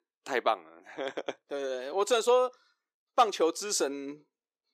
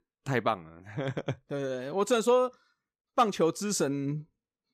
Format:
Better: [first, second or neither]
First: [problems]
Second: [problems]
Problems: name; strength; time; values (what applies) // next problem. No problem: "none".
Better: second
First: thin; somewhat; fading below 350 Hz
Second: none